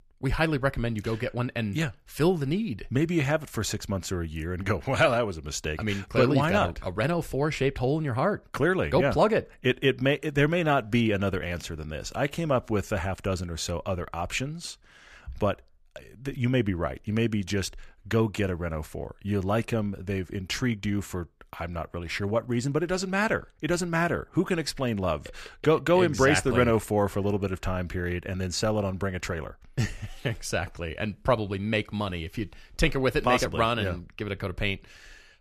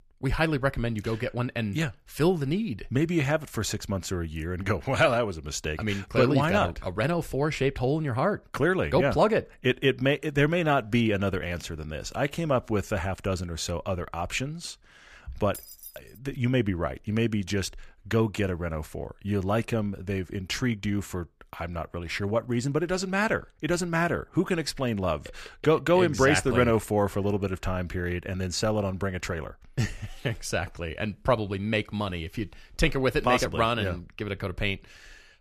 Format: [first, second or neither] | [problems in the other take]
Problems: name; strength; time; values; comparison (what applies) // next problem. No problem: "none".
first | jangling keys; faint; at 16 s; peak 15 dB below the speech